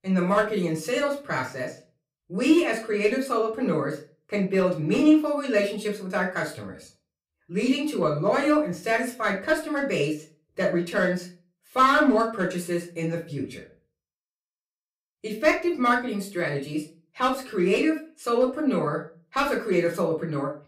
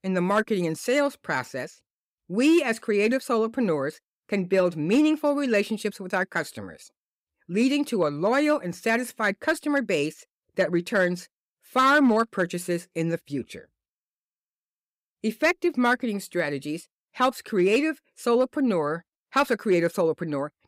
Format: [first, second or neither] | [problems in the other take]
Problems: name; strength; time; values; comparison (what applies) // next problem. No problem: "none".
second | off-mic speech; far // room echo; very slight; dies away in 0.3 s